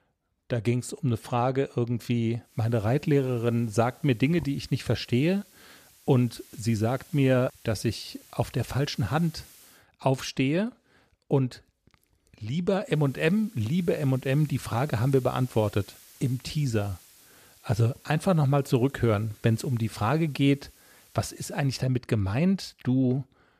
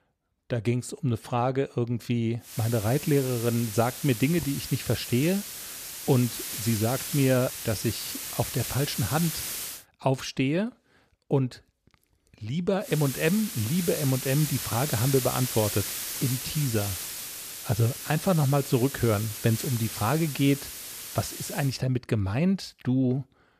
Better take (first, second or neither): first